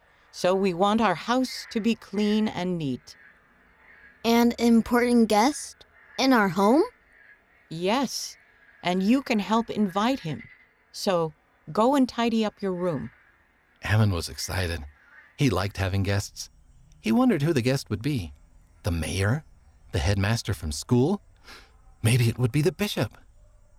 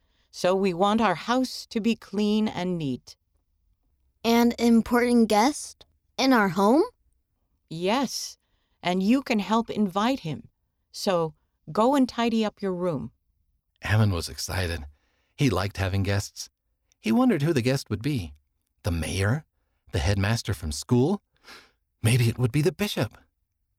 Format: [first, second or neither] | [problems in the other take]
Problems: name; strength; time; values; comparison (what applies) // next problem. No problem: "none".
second | animal sounds; faint; throughout; 30 dB below the speech